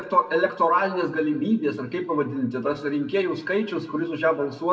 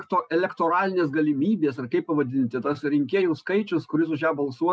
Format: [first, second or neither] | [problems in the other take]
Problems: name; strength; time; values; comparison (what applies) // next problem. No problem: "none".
second | room echo; dies away in 0.8 s